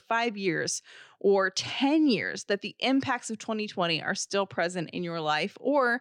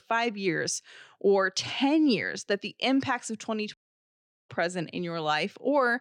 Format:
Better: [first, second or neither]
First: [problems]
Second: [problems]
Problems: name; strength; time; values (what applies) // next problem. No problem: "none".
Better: first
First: none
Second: audio cutting out; at 3.5 s for 1 s